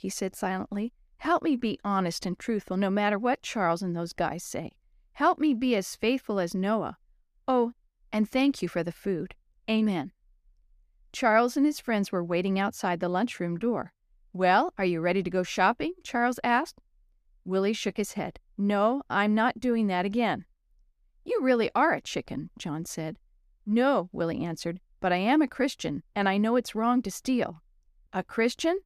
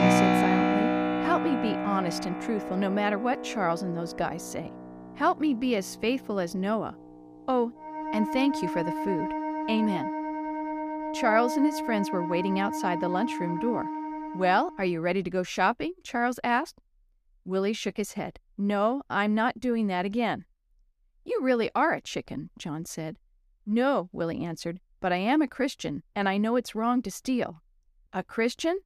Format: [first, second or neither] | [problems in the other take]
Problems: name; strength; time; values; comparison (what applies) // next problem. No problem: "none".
first | background music; loud; until 14 s; 2 dB below the speech